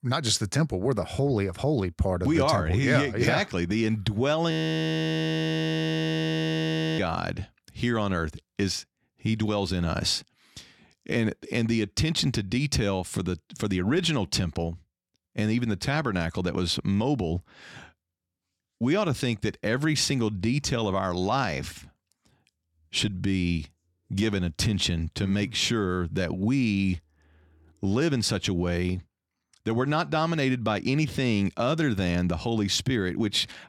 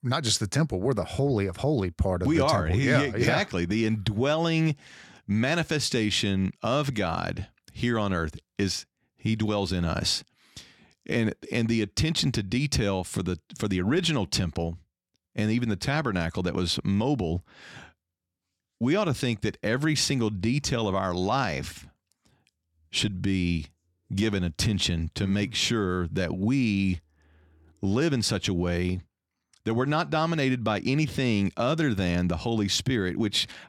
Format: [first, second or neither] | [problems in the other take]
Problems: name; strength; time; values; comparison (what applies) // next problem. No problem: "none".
second | audio freezing; at 4.5 s for 2.5 s